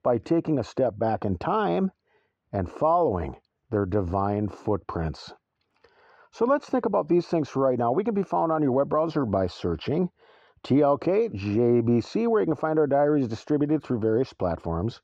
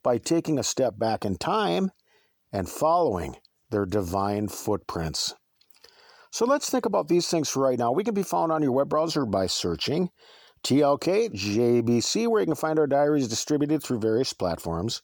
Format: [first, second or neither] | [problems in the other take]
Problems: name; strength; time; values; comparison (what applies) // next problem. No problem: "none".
second | muffled; very; fading above 2 kHz